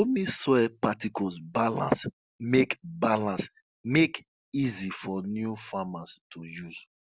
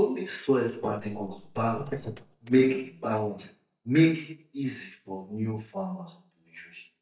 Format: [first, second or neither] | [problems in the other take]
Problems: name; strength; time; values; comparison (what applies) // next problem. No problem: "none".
first | noise reduction (neural mask model DeepFilterNet 3)